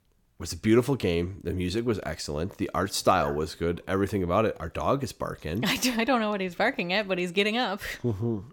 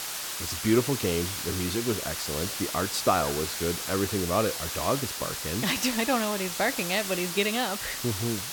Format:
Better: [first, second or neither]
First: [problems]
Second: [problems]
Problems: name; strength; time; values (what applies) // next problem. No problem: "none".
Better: first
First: none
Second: hiss; loud; throughout; 3 dB below the speech